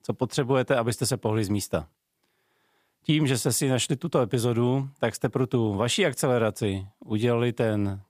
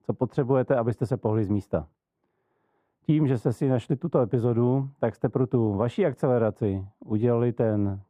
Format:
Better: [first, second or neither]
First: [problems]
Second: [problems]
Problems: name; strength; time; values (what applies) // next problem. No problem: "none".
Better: first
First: none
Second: muffled; very; fading above 2 kHz